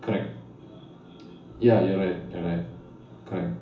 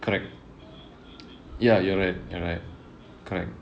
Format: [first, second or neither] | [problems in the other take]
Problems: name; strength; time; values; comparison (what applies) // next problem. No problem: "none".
second | room echo; dies away in 0.7 s